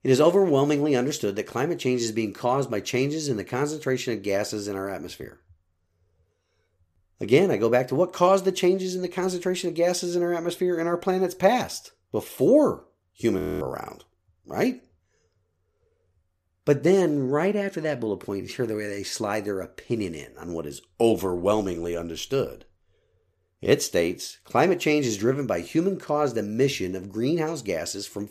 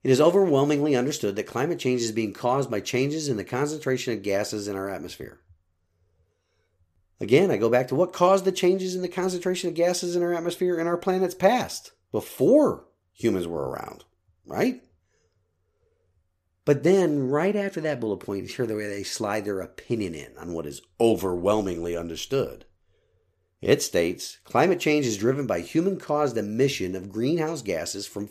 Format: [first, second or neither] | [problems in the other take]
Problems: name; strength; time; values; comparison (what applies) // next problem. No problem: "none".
second | audio freezing; at 13 s